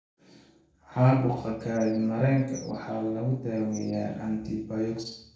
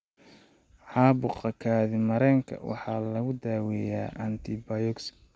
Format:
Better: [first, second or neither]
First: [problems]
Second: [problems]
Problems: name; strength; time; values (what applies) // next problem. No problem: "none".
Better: second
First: noise reduction (neural separator model SepFormer DNS4)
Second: none